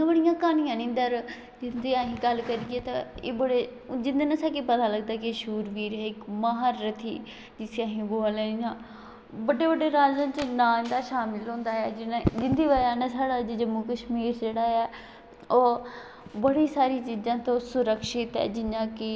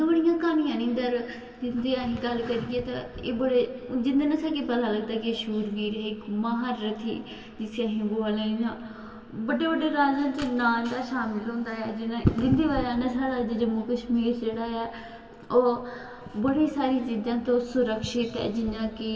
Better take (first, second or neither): first